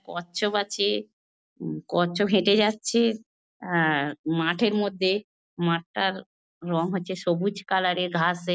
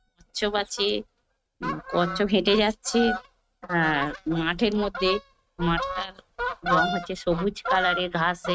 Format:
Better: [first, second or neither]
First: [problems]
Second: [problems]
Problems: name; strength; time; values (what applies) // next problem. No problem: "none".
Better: first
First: none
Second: noise reduction (neural mask model RNNoise)